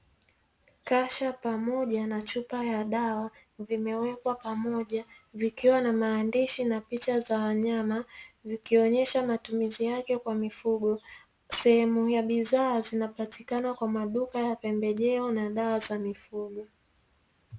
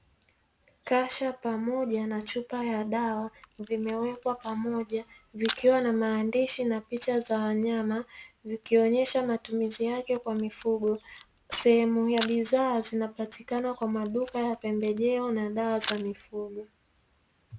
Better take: first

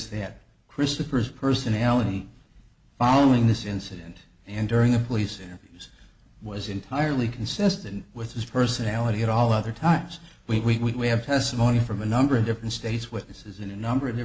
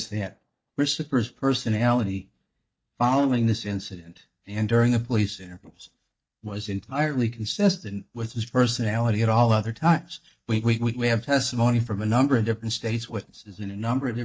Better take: first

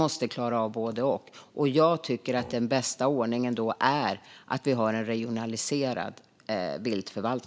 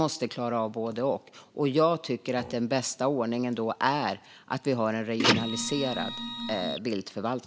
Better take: first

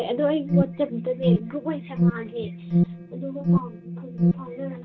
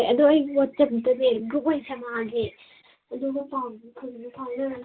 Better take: second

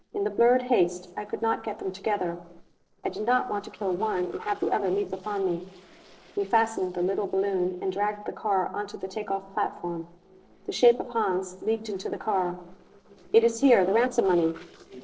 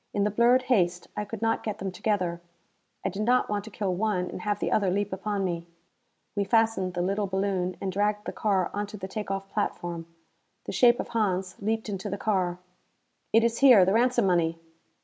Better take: second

